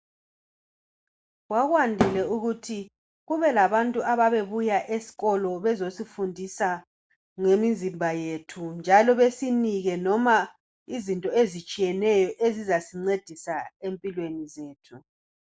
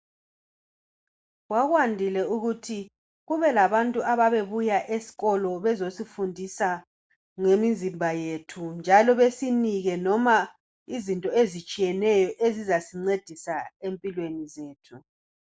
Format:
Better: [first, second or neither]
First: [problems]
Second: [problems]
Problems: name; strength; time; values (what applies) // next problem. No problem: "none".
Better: second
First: background sound (Thump, thud); 1 dB below the speech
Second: none